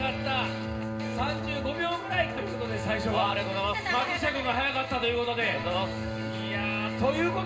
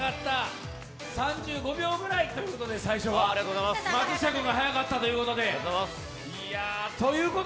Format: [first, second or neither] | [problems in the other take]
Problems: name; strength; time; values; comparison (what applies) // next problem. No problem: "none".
second | background sound (Bowed string instrument); 5 dB below the speech // room echo; dies away in 0.2 s